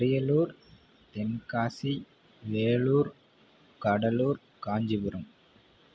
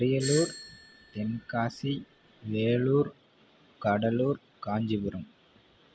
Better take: first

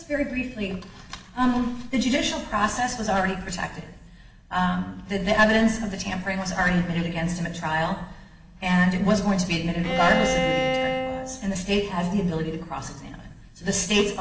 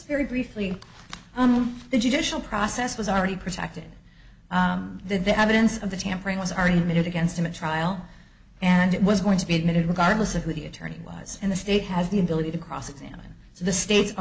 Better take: second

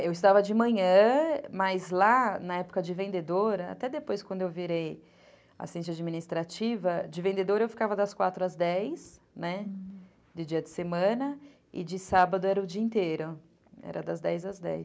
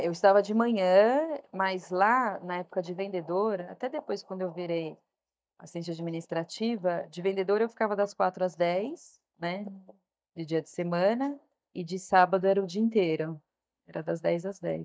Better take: first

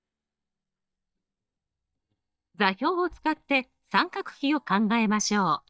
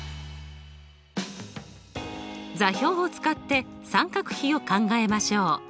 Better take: second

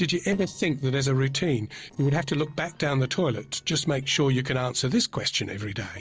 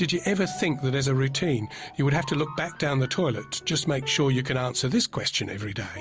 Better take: second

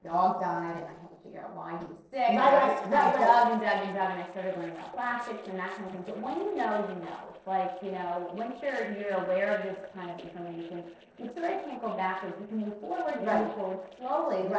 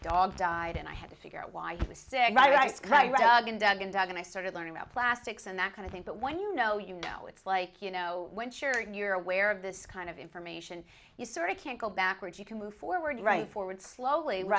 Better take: second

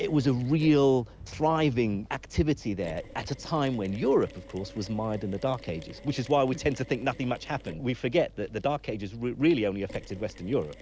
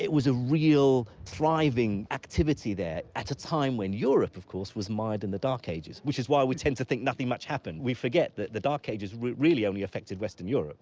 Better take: second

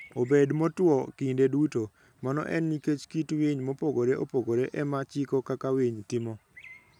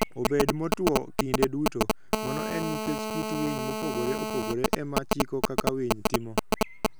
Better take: first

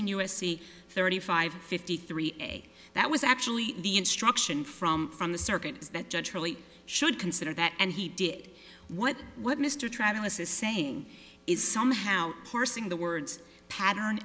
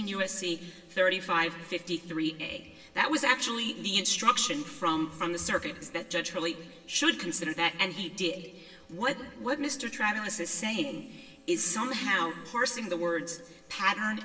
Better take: first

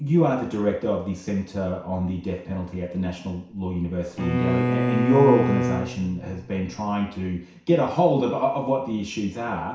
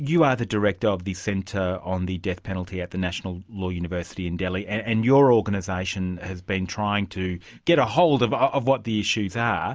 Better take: second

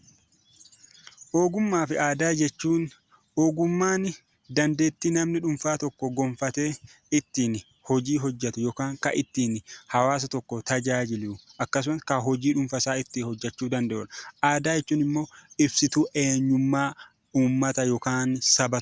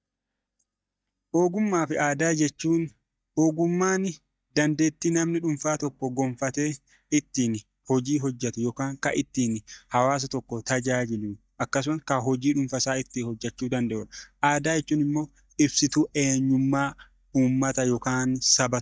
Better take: first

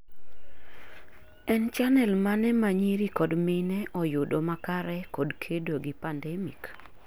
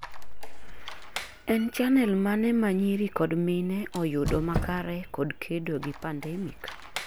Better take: first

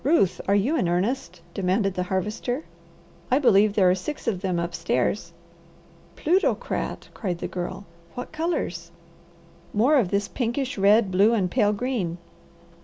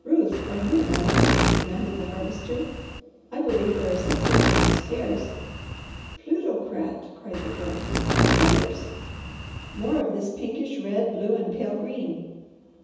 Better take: first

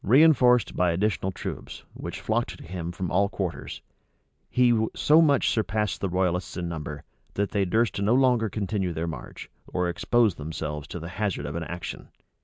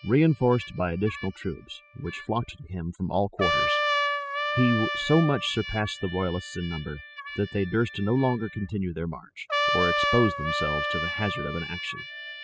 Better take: first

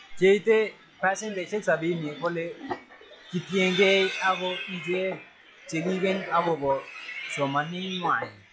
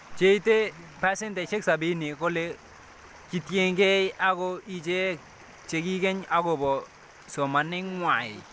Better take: second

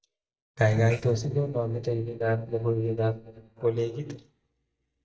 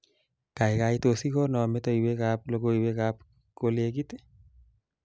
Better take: second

